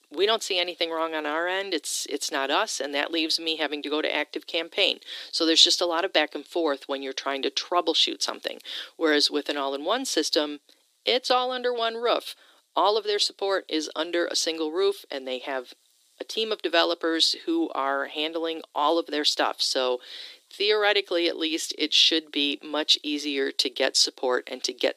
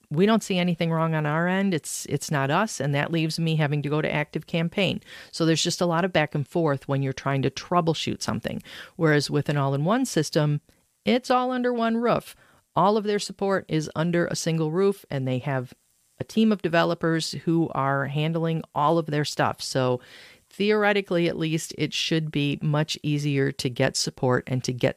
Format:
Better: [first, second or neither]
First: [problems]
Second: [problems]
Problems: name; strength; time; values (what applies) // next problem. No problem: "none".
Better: second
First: thin; somewhat; fading below 300 Hz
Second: none